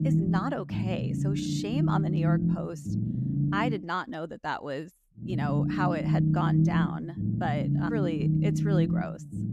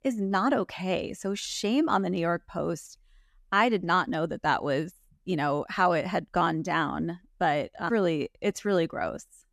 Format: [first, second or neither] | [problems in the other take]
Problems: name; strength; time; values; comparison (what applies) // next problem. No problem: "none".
second | low rumble; loud; until 4 s and from 5.5 s on; 3 dB below the speech